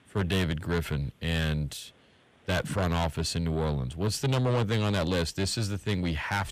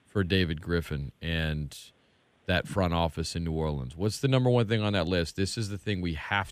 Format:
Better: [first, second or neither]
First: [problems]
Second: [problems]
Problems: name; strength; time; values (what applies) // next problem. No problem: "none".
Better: second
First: distortion; heavy; 8 dB below the speech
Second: none